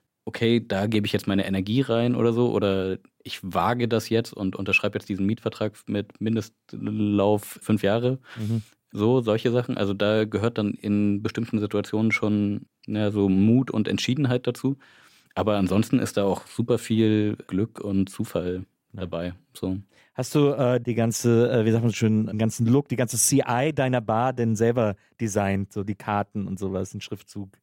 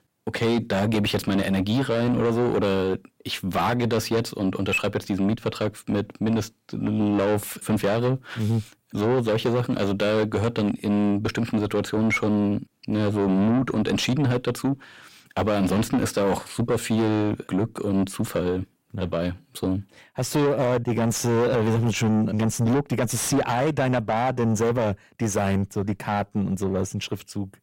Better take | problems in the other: first | distortion; heavy; 7 dB below the speech

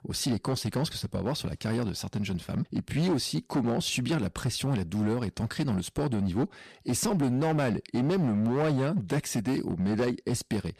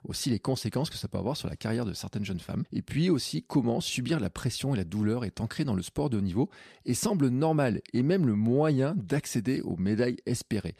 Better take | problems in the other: second | distortion; slight; 12% of the sound clipped

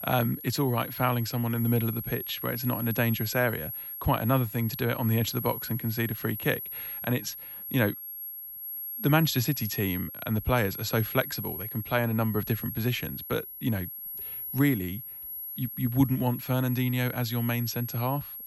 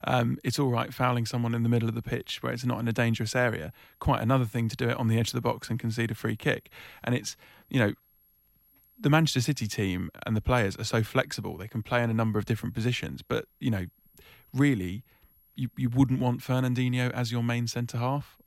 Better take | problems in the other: second | high-pitched whine; loud; throughout; 11.5 kHz, 7 dB below the speech; faint in the second

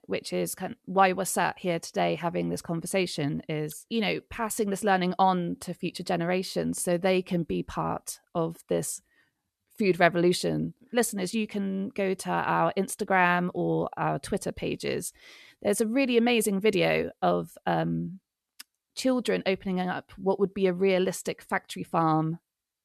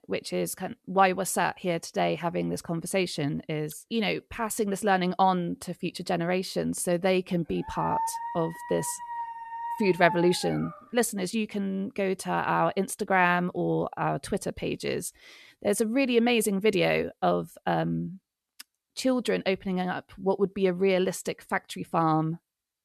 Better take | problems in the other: first | dog barking; noticeable; from 7.5 to 11 s; peak 3 dB below the speech

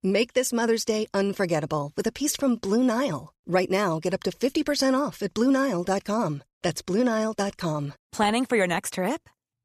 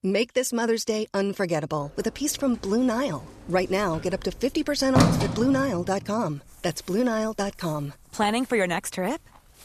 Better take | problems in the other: first | household noises; loud; throughout; 1 dB below the speech

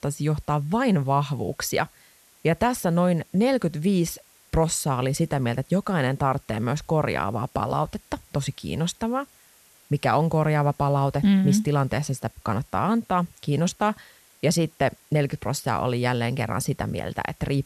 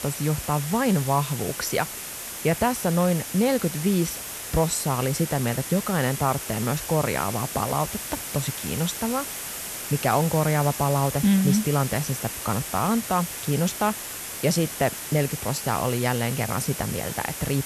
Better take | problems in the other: first | hiss; loud; throughout; 6 dB below the speech; faint in the first

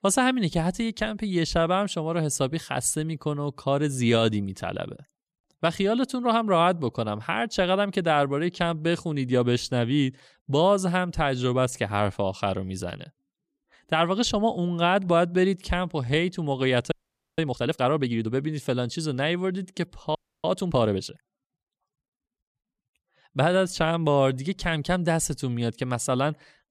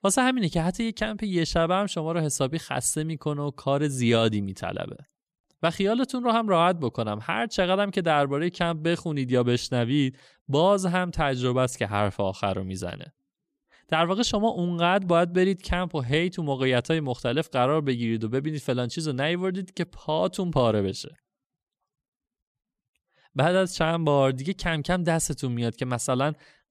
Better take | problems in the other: second | audio freezing; at 17 s and at 20 s

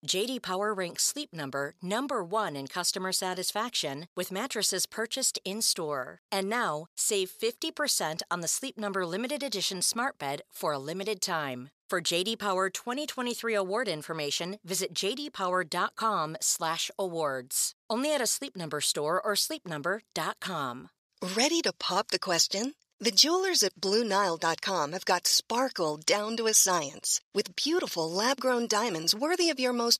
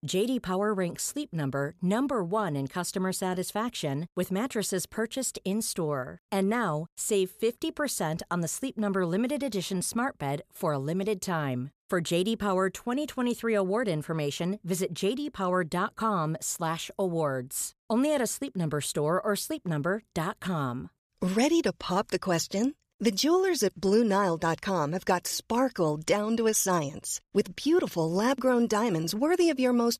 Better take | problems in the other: second | thin; very slightly; fading below 650 Hz

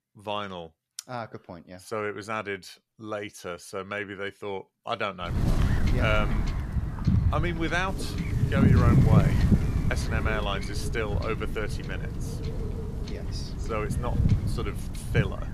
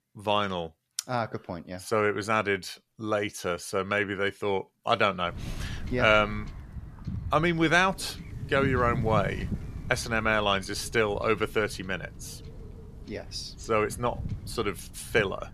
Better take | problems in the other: second | wind noise on the microphone; heavy; from 5.5 s on; 5 dB below the speech; occasional gusts in the second

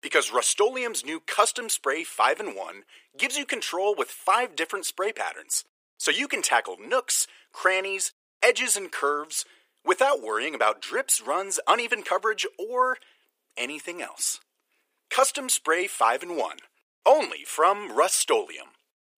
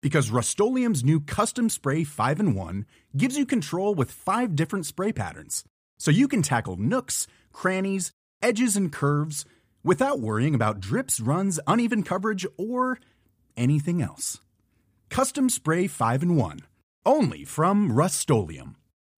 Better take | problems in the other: second | thin; very; fading below 400 Hz

